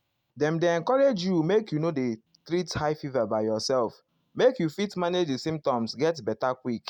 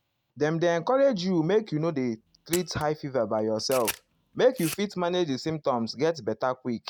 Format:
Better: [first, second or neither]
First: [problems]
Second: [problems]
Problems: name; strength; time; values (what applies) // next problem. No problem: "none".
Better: first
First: none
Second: background sound (Camera); 13 dB below the speech